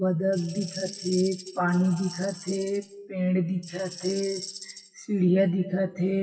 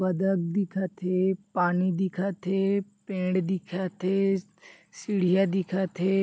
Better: second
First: noise reduction (classical method WPE with log-MMSE)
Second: none

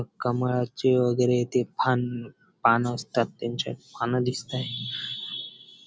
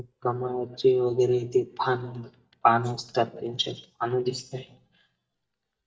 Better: first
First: none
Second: noise reduction (neural mask model DeepFilterNet 3)

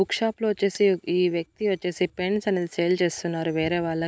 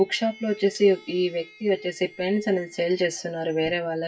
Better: first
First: none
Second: noise reduction (classical method WPE with log-MMSE)

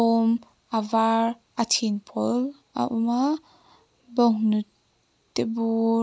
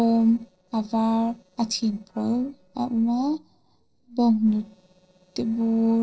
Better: first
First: none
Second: noise reduction (neural separator model SepFormer DNS4)

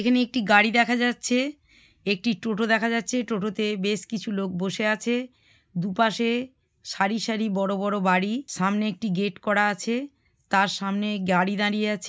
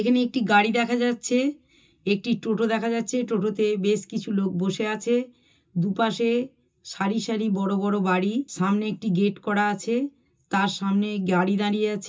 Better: first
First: none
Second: room echo; dies away in 0.2 s

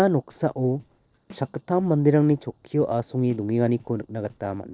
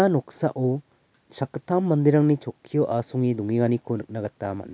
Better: second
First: noise reduction (neural separator model SepFormer DNS4)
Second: none

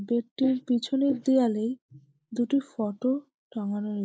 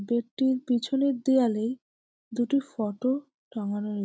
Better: second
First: noise reduction (neural mask model Resemble Enhance denoiser)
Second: none

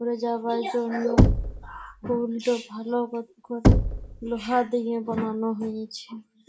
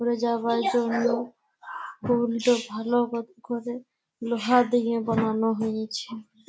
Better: second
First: background sound (Knock / Wood); 3 dB above the speech // room echo; dies away in 0.3 s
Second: none

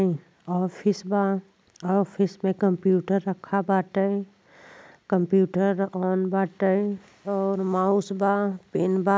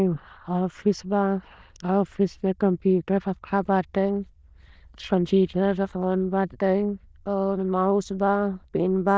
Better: first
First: none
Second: noise reduction (neural diffusion model UNIVERSE++)

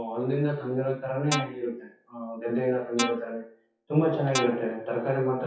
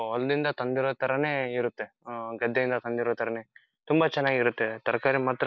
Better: second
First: noise reduction (classical method WPE with log-MMSE)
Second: none

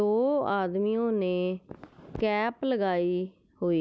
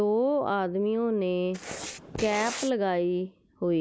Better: first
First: none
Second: background sound (Writing); 10 dB below the speech

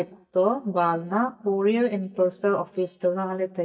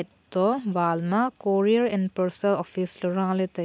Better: second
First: noise reduction (neural mask model DeepFilterNet 3)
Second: none

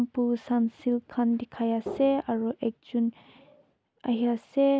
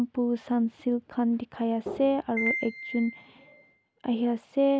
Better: first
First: none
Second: background sound (Piano); 8 dB below the speech

